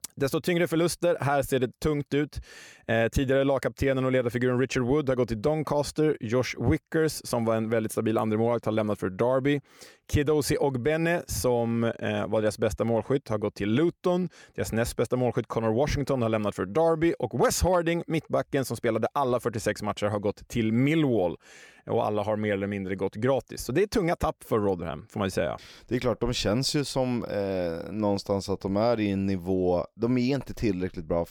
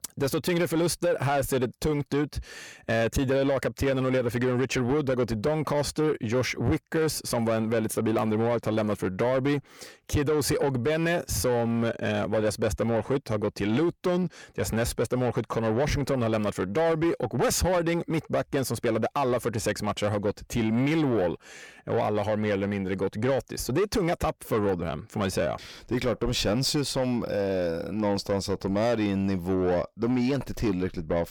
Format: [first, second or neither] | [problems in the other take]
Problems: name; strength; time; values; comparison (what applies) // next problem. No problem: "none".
first | distortion; slight; 10 dB below the speech